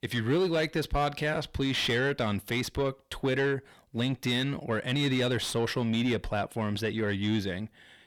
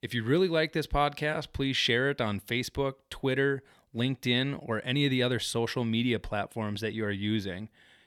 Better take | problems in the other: second | distortion; slight; 10 dB below the speech

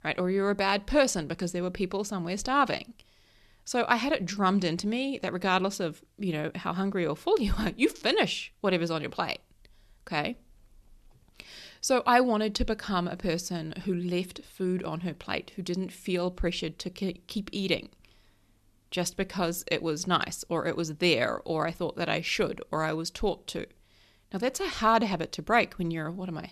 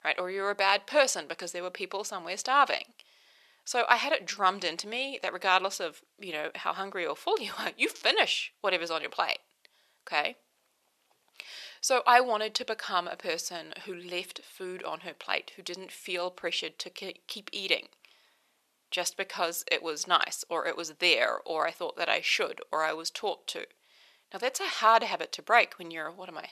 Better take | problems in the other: first | thin; very; fading below 650 Hz

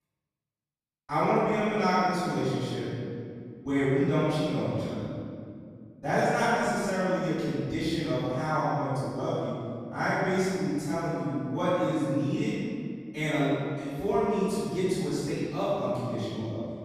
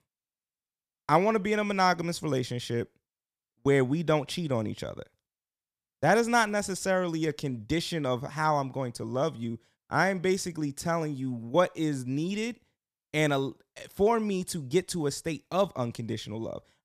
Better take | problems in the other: second | off-mic speech; far // room echo; strong; dies away in 2.3 s

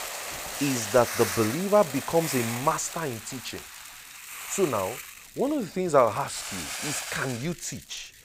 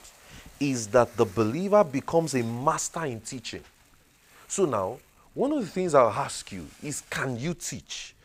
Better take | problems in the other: second | hiss; loud; throughout; 7 dB below the speech; faint in the second

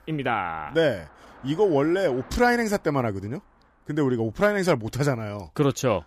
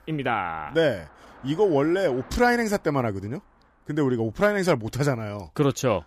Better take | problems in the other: neither | traffic noise; faint; throughout; 25 dB below the speech; the same in both

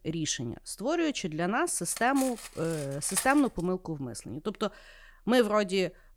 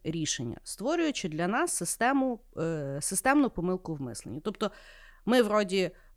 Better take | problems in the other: second | clattering dishes; noticeable; from 2 to 3.5 s; peak 6 dB below the speech

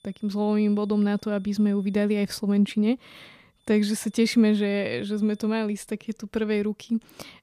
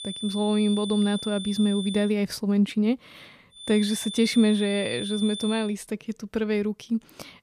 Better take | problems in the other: first | high-pitched whine; loud; until 2 s and from 3.5 to 5.5 s; 3.5 kHz, 9 dB below the speech; faint in the first

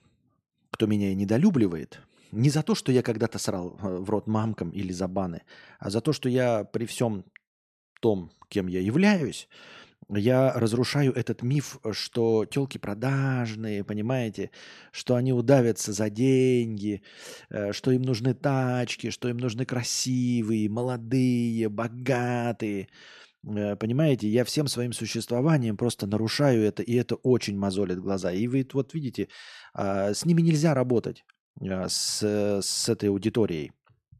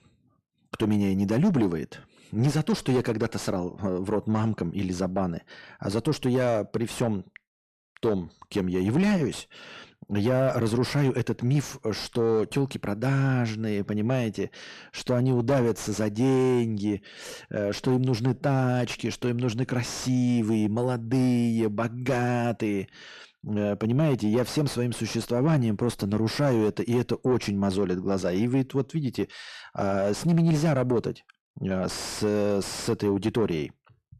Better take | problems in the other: first | distortion; slight; 9 dB below the speech

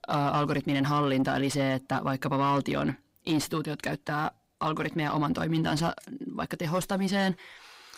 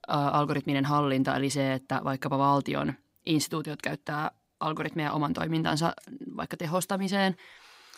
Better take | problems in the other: second | distortion; slight; 10 dB below the speech

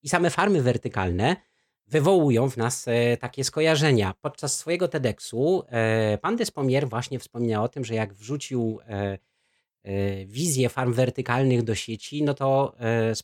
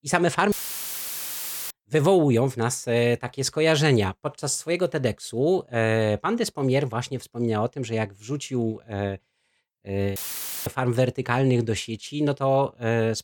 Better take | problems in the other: first | audio cutting out; filled with static; at 0.5 s for 1 s and at 10 s for 0.5 s

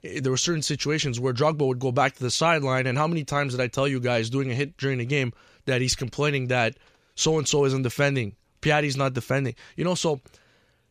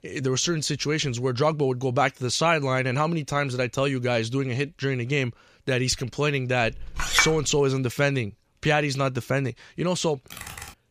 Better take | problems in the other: first | clattering dishes; loud; at 6.5 s; peak 3 dB above the speech // keyboard typing; faint; at 10 s; peak 10 dB below the speech

